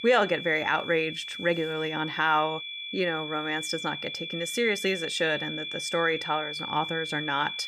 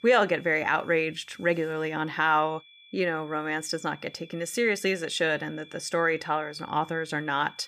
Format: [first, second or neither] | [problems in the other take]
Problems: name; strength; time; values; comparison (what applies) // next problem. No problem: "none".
second | high-pitched whine; loud; throughout; 3.5 kHz, 6 dB below the speech; faint in the second